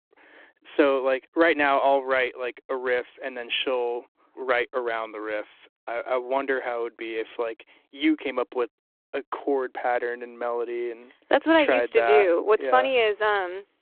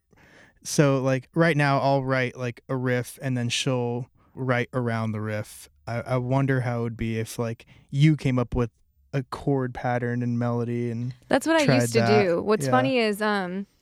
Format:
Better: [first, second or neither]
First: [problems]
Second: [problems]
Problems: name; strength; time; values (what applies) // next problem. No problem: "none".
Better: second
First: phone-call audio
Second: none